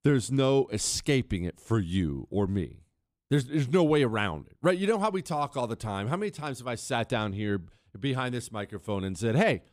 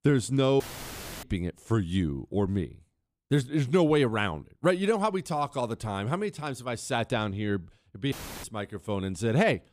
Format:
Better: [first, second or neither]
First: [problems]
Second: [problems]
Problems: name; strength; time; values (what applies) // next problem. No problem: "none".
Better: first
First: none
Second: audio cutting out; filled with static; at 0.5 s for 0.5 s and at 8 s